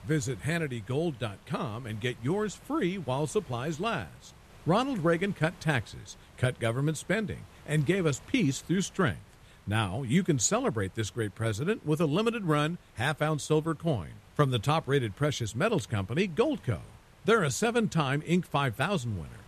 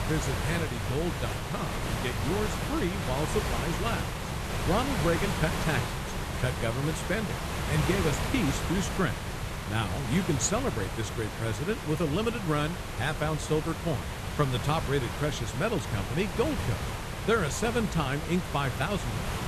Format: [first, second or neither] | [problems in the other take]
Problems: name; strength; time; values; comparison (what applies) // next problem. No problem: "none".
first | hiss; loud; throughout; 2 dB below the speech; faint in the first